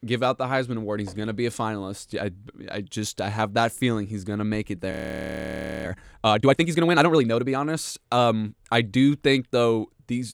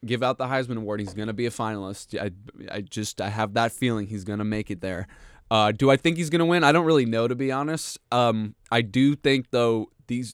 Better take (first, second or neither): second